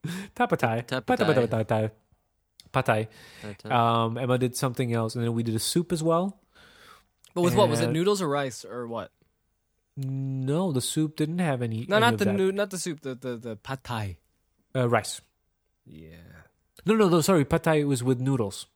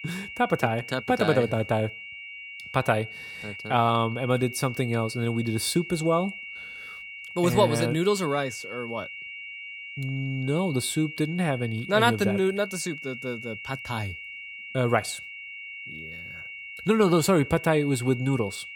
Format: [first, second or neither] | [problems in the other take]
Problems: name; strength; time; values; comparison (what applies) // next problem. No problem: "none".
first | high-pitched whine; noticeable; throughout; 2 kHz, 10 dB below the speech